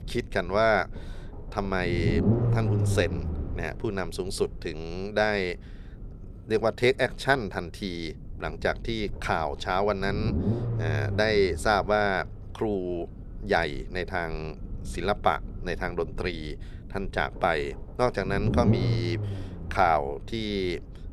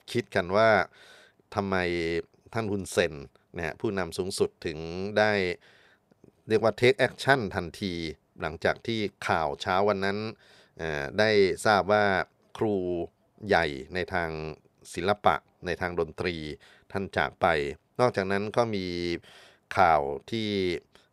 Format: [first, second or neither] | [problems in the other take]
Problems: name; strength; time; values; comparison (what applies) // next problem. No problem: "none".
second | low rumble; noticeable; throughout; 10 dB below the speech